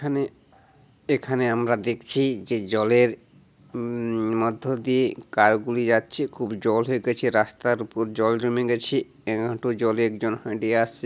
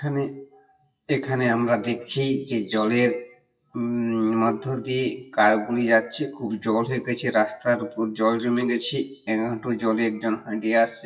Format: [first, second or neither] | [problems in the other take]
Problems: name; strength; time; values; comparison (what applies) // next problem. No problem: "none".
first | noise reduction (classical method WPE with log-MMSE)